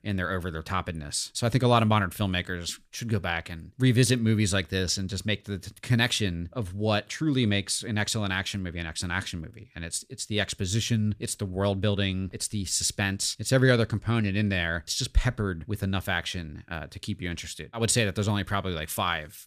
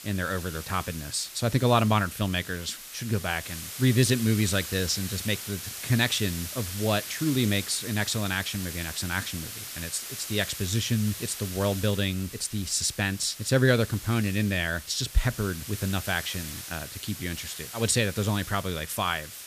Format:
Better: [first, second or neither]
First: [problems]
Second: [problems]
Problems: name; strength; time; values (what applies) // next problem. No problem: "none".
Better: first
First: none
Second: hiss; loud; throughout; 9 dB below the speech